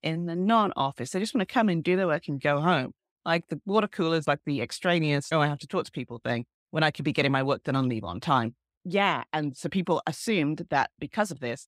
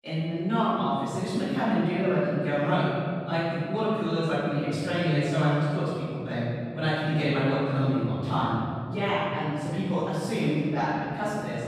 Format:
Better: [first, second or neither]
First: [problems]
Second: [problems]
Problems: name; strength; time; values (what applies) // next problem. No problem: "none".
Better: first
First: none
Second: off-mic speech; far // room echo; strong; dies away in 3 s